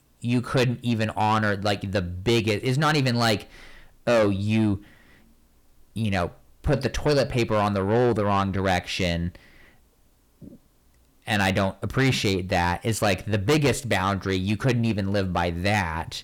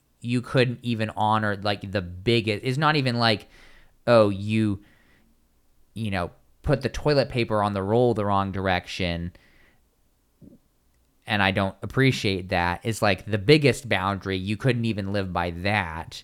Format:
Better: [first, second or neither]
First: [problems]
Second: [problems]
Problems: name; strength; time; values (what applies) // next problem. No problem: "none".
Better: second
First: distortion; heavy; 8 dB below the speech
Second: none